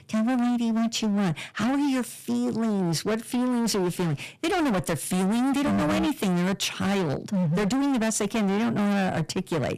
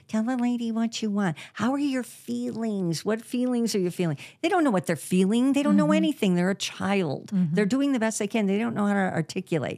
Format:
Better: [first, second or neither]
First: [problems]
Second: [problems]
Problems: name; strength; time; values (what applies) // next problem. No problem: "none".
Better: second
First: distortion; heavy; 37% of the sound clipped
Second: none